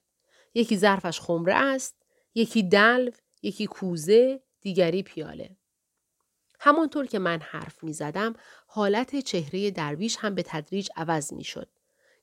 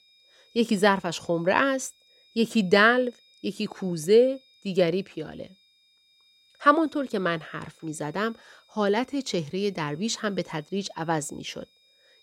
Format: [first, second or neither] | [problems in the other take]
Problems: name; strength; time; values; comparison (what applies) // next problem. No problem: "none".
first | high-pitched whine; faint; throughout; 3.5 kHz, 35 dB below the speech